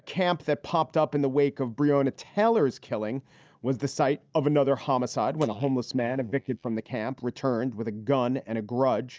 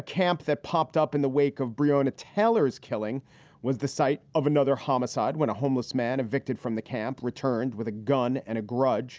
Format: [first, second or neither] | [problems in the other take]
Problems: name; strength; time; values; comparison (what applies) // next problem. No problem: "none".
second | noise reduction (neural mask model DeepFilterNet 3)